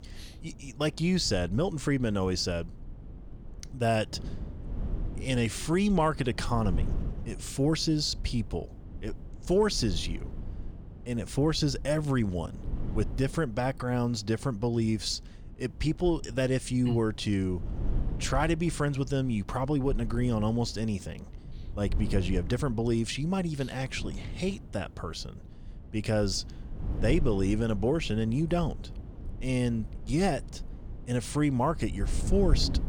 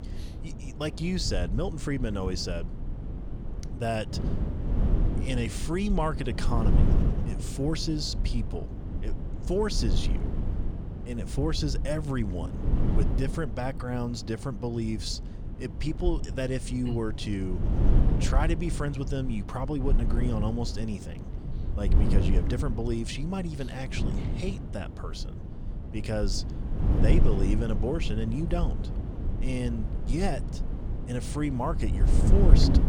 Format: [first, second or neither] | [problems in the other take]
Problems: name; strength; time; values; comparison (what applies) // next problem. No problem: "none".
first | wind noise on the microphone; heavy; 7 dB below the speech; occasional gusts in the first